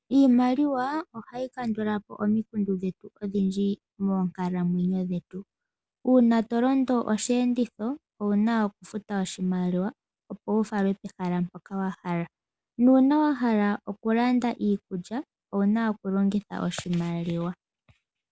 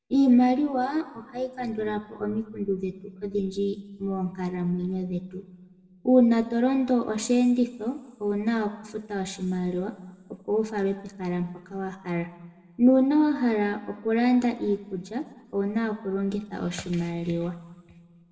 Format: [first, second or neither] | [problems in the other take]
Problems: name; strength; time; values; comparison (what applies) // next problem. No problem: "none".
first | room echo; dies away in 1.1 s